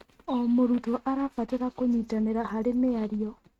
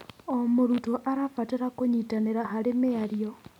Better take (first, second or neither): second